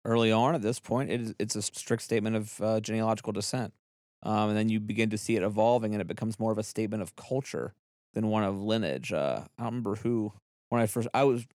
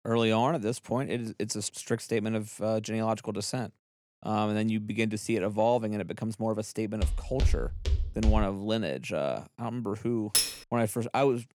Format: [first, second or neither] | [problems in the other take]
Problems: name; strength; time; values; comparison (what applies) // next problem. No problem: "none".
first | footsteps; loud; from 7 to 8.5 s; peak 1 dB above the speech // clattering dishes; loud; at 10 s; peak 5 dB above the speech